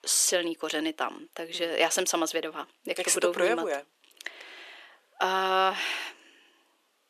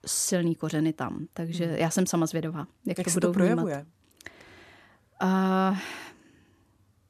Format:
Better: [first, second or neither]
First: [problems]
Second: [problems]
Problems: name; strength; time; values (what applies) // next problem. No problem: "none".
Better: second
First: thin; very; fading below 400 Hz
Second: none